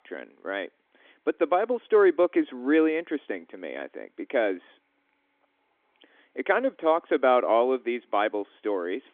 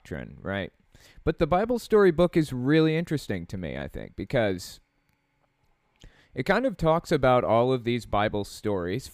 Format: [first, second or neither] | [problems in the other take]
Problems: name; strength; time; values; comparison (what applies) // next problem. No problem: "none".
second | phone-call audio; nothing above 3.5 kHz